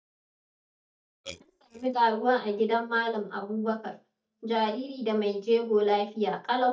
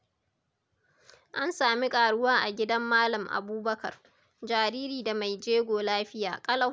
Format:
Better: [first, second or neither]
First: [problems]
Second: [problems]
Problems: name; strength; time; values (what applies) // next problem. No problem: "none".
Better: second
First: noise reduction (neural mask model DeepFilterNet 3)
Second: none